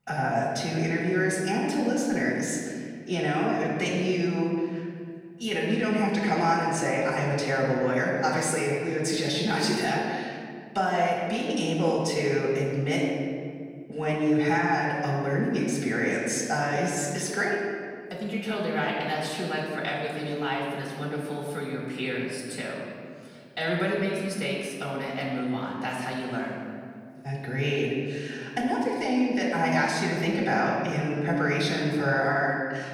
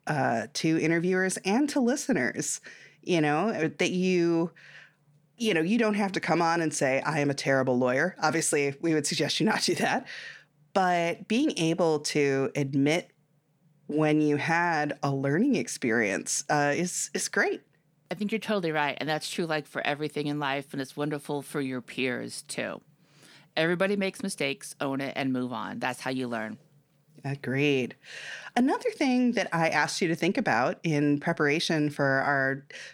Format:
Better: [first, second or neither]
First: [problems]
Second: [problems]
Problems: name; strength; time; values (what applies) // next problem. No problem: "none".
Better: second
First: room echo; noticeable; dies away in 1.8 s // off-mic speech; far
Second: none